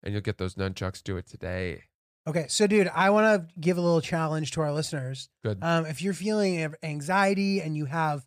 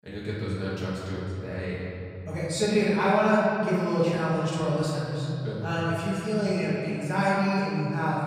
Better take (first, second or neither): first